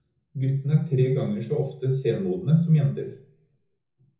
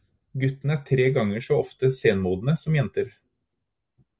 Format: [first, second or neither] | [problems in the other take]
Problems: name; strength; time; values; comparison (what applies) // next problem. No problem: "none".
second | room echo; dies away in 0.6 s